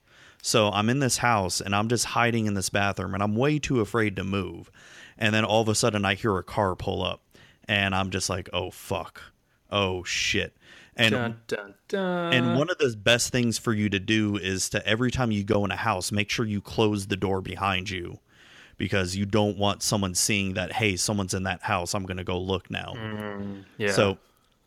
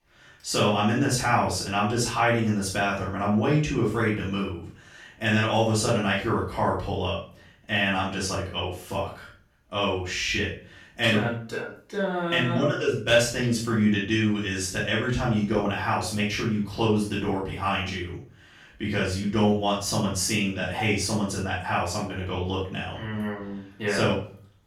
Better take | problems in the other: first | off-mic speech; far // room echo; noticeable; dies away in 0.4 s

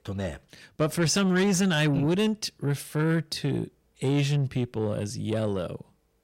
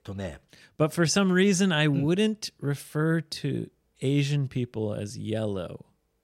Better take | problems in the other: second | distortion; slight; 10 dB below the speech

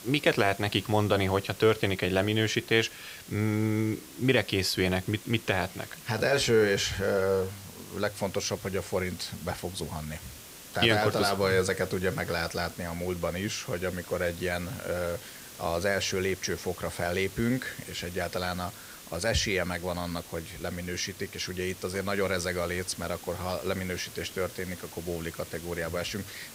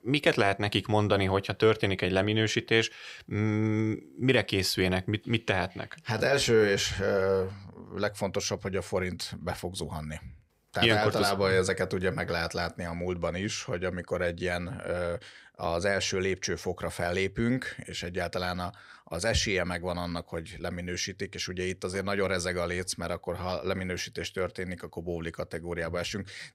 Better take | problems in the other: second | hiss; noticeable; throughout; 15 dB below the speech

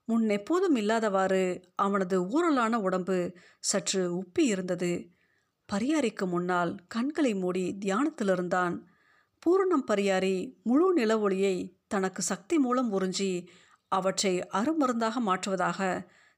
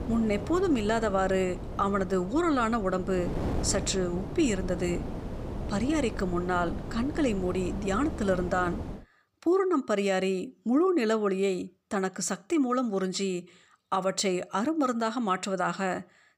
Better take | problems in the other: first | wind noise on the microphone; occasional gusts; until 9 s; 10 dB below the speech

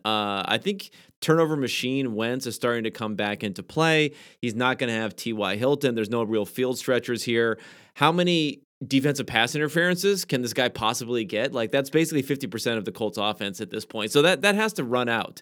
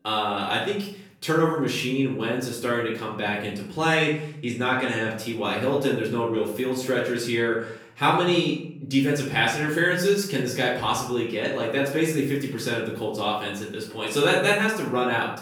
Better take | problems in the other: first | room echo; noticeable; dies away in 0.6 s // off-mic speech; far

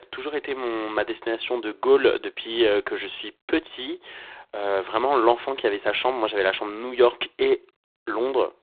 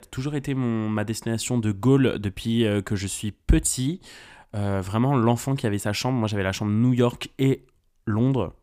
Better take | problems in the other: second | phone-call audio; poor line

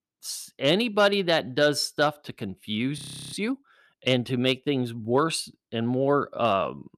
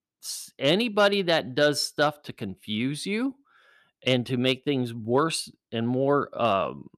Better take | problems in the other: second | audio freezing; at 3 s

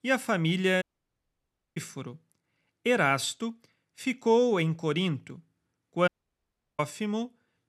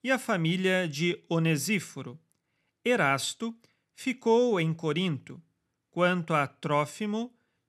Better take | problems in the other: second | audio cutting out; at 1 s for 1 s and at 6 s for 0.5 s

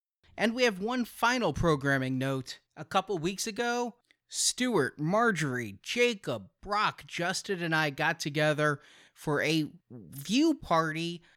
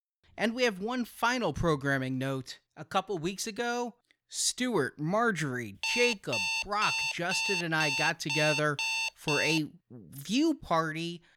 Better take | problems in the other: first | alarm; loud; from 6 to 9.5 s; peak 2 dB above the speech

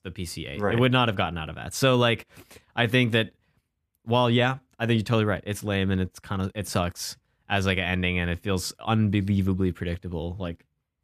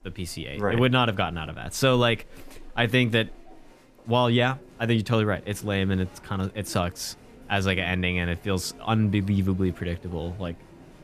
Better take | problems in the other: first | crowd noise; faint; throughout; 25 dB below the speech

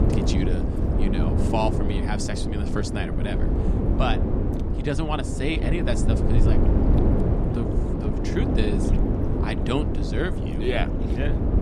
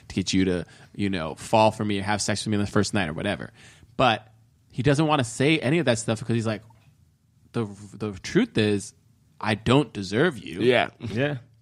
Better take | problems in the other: second | wind noise on the microphone; heavy; 1 dB below the speech

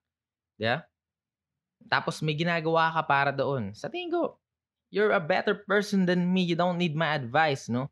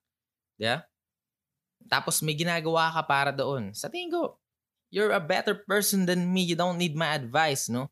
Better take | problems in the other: second | muffled; slightly; fading above 3 kHz

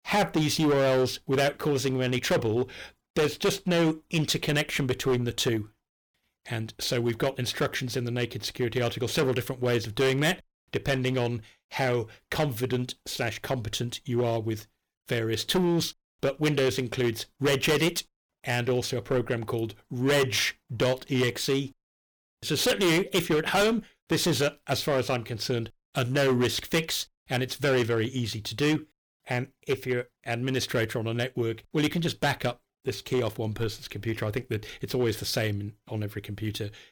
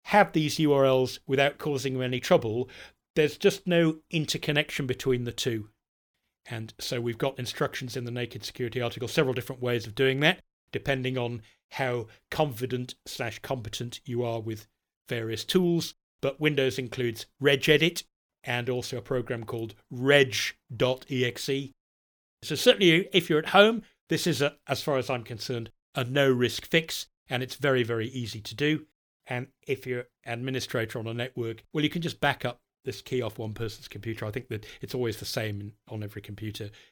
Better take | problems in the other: second | distortion; heavy; 9% of the sound clipped

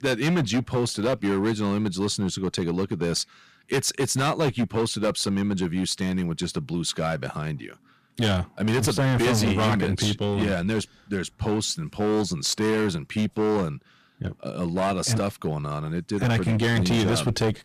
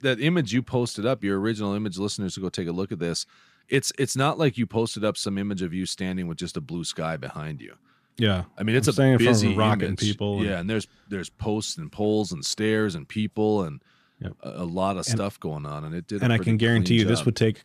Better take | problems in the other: second | distortion; heavy; 12% of the sound clipped

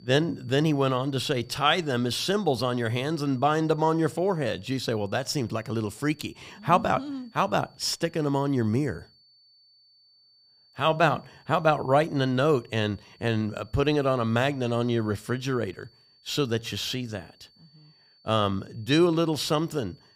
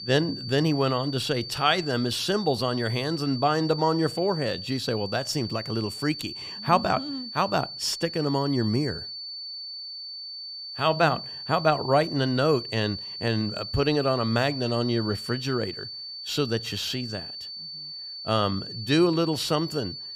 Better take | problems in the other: first | high-pitched whine; loud; throughout; 4.5 kHz, 9 dB below the speech; faint in the first

